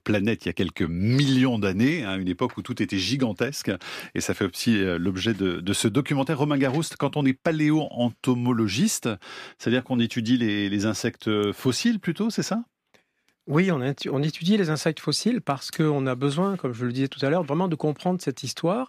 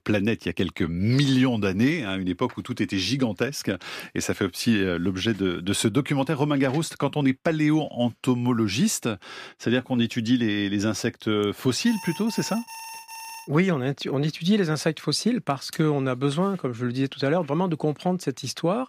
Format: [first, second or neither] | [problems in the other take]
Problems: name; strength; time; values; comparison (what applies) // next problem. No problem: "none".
first | alarm; faint; from 12 to 13 s; peak 15 dB below the speech